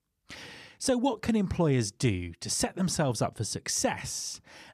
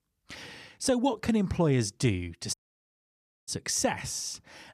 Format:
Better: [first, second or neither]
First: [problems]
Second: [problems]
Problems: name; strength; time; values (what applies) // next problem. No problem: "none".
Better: first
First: none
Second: audio cutting out; at 2.5 s for 1 s